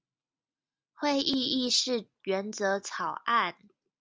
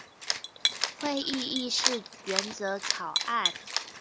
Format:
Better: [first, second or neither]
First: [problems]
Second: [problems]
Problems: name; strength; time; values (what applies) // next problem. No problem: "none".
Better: first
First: none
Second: background sound (Cat); 1 dB above the speech